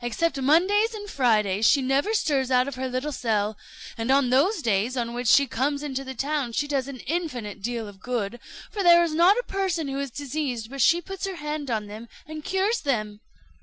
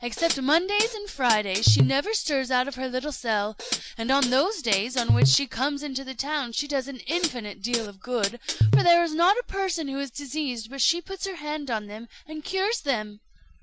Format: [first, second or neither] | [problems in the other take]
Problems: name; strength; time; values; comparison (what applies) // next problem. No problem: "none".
first | background sound (Hi-hat); as loud as the speech